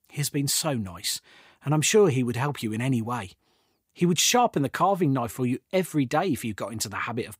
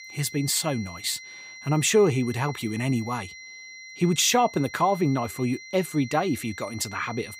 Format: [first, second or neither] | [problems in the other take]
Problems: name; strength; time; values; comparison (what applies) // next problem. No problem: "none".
first | high-pitched whine; noticeable; throughout; 2 kHz, 15 dB below the speech